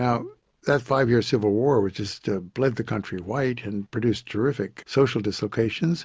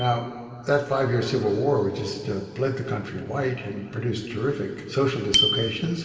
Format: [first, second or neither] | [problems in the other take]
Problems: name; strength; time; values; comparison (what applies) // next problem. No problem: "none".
first | background sound (Bicycle bell); 7 dB below the speech // room echo; dies away in 2.5 s